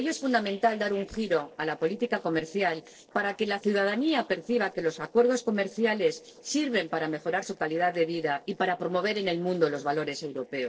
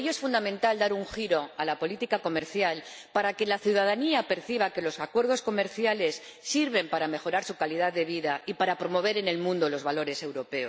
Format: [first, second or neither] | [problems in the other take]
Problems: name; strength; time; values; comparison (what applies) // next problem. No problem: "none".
second | noise reduction (neural separator model SepFormer DNS4)